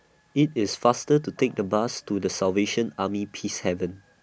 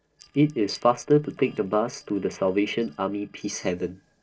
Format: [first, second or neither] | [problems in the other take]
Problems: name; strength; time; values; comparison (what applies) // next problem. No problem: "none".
first | noise reduction (neural separator model SepFormer DNS4)